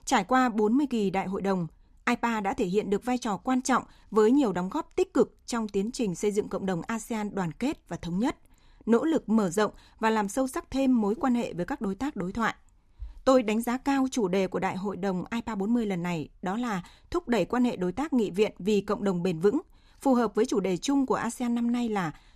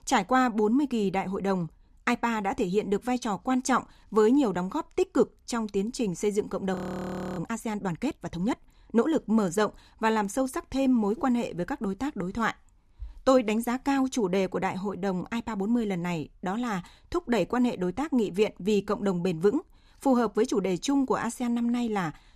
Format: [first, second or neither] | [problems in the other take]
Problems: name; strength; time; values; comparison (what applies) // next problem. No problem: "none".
first | audio freezing; at 7 s for 0.5 s